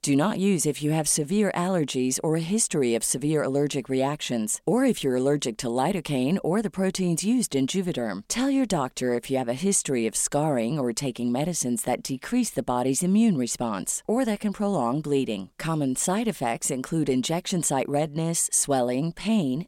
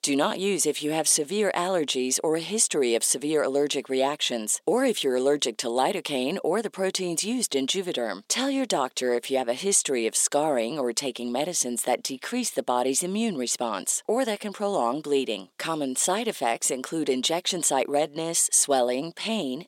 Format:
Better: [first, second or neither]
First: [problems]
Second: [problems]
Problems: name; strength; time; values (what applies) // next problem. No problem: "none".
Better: first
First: none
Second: thin; somewhat; fading below 400 Hz